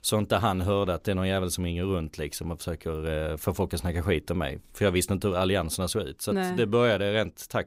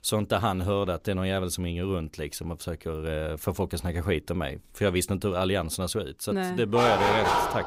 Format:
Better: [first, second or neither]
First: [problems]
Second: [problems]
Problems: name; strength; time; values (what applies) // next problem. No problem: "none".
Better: first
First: none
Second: dog barking; loud; at 7 s; peak 5 dB above the speech